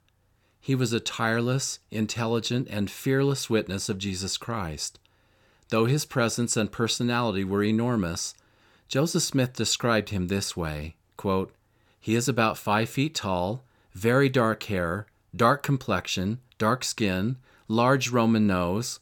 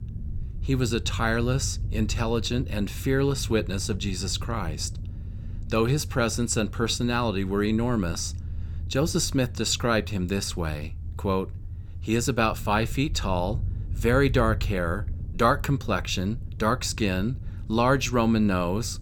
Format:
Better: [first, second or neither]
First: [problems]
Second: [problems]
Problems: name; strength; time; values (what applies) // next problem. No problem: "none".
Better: first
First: none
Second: low rumble; faint; throughout; 25 dB below the speech